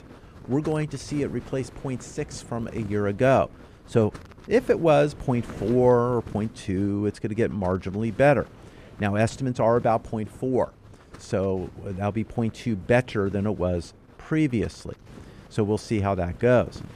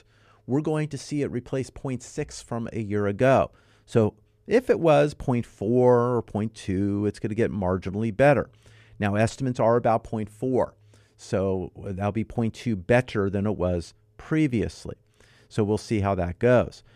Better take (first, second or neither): second